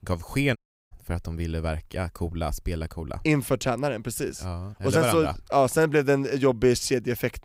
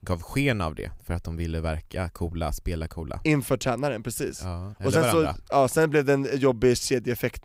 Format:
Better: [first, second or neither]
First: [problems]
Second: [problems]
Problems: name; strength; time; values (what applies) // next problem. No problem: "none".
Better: second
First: audio cutting out; at 0.5 s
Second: none